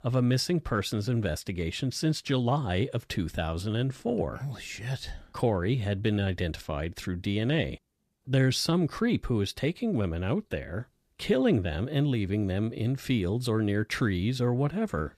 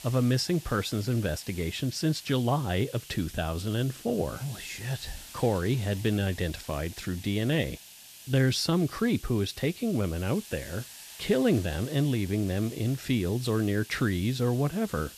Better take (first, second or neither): first